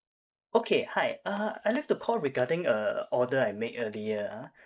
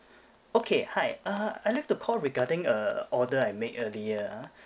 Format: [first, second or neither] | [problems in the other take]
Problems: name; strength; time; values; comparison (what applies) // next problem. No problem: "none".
second | noise reduction (neural mask model Resemble Enhance denoiser)